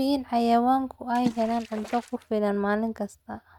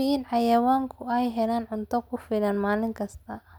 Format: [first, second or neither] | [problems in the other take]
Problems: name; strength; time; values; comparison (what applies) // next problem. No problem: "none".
second | noise reduction (neural mask model RNNoise)